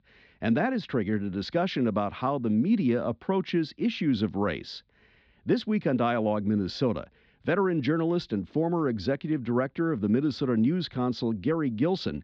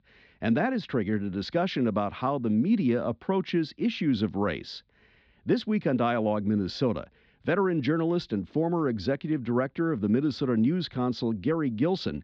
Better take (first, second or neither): neither